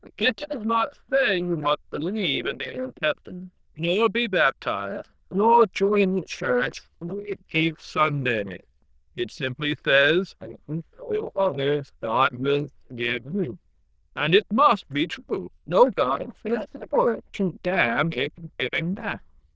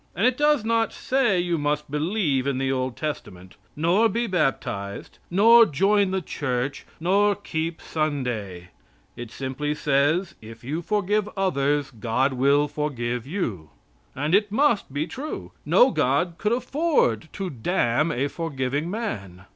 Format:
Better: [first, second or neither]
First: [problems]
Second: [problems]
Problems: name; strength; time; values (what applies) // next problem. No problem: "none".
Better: second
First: noise reduction (neural diffusion model UNIVERSE++)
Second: none